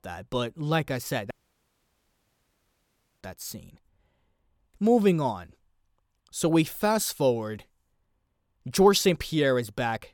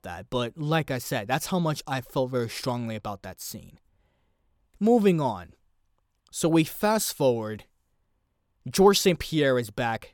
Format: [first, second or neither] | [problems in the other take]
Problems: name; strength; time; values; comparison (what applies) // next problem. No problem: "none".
second | audio cutting out; at 1.5 s for 2 s